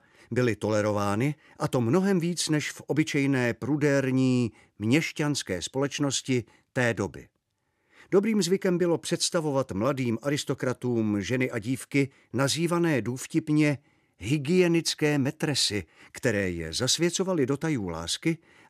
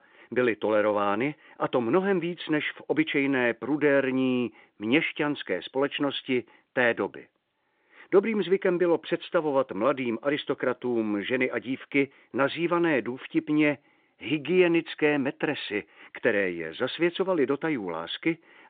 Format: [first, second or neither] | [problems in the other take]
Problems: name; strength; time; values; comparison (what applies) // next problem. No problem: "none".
first | phone-call audio; nothing above 3.5 kHz